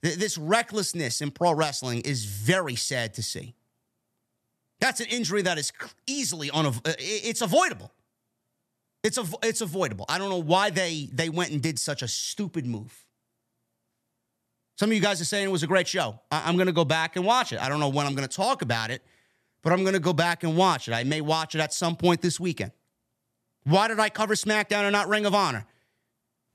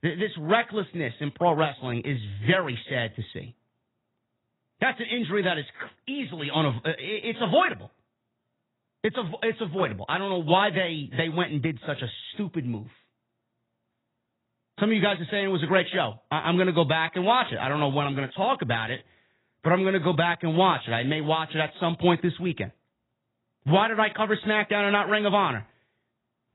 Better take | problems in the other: first | garbled, watery; badly; nothing above 4 kHz

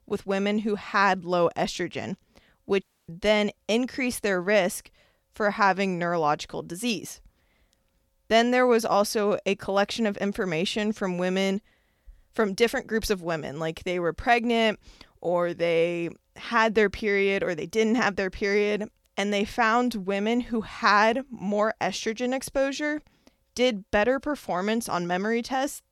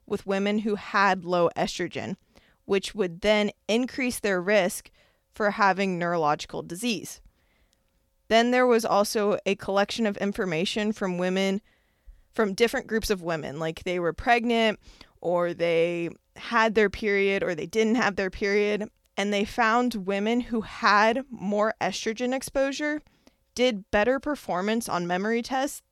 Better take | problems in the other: second | audio cutting out; at 3 s

